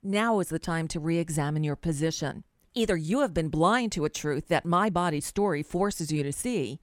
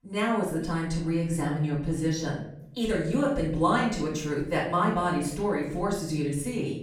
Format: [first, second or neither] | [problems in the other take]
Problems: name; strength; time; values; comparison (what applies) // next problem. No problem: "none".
first | off-mic speech; far // room echo; noticeable; dies away in 0.6 s